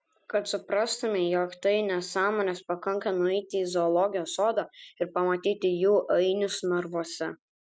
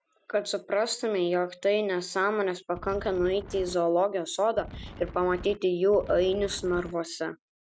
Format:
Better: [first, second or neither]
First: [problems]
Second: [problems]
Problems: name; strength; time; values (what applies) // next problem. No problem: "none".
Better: first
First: none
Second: background sound (Wind); 14 dB below the speech